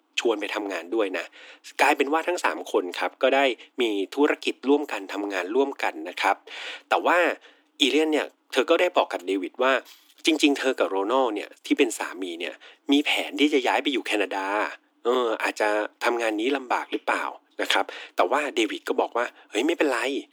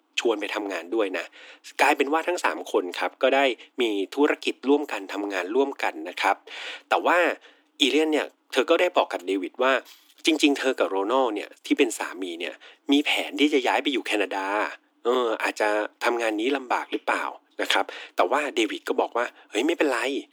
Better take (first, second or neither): neither